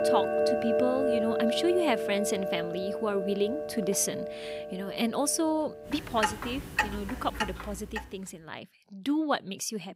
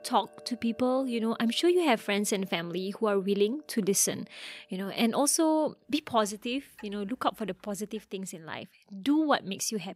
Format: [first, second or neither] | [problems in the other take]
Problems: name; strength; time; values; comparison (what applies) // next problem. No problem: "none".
second | household noises; loud; until 7.5 s; 1 dB below the speech; faint in the second